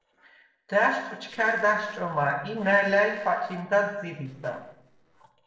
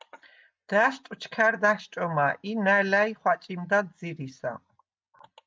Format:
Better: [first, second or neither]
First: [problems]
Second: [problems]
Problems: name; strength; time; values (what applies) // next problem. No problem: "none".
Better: second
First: noise reduction (neural separator model SepFormer DNS4)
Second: none